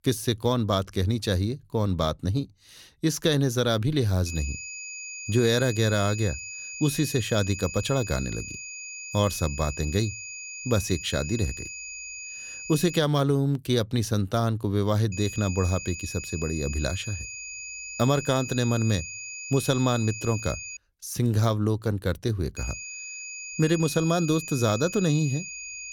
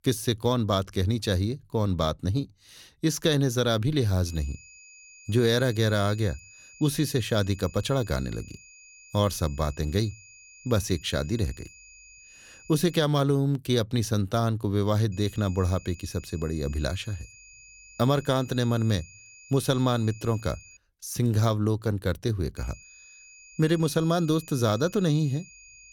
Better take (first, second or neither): second